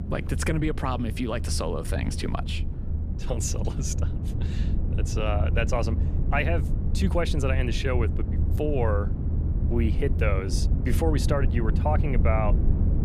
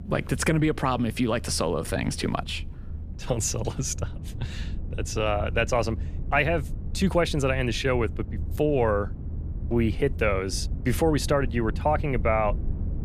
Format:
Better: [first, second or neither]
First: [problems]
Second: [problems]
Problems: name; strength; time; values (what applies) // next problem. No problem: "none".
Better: second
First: low rumble; loud; throughout; 10 dB below the speech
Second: low rumble; faint; throughout; 20 dB below the speech